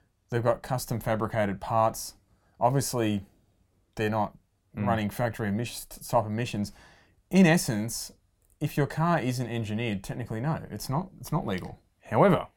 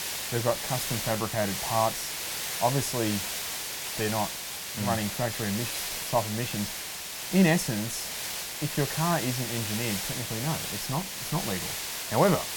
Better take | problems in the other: first | hiss; loud; throughout; 2 dB below the speech

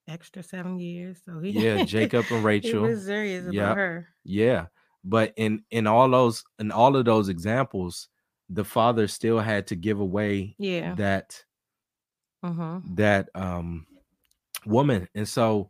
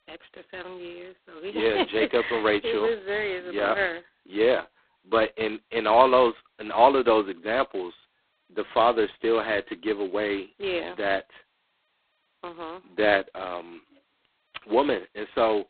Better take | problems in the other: first | phone-call audio; poor line; nothing above 4 kHz

